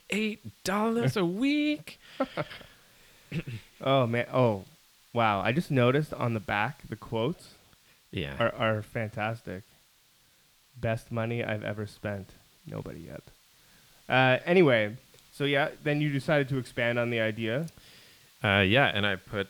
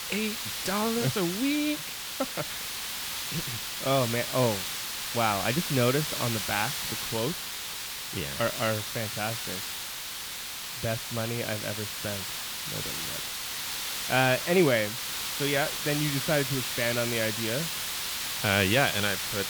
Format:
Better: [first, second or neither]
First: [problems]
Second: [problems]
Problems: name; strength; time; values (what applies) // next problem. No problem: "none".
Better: first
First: hiss; faint; throughout; 30 dB below the speech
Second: hiss; loud; throughout; 2 dB below the speech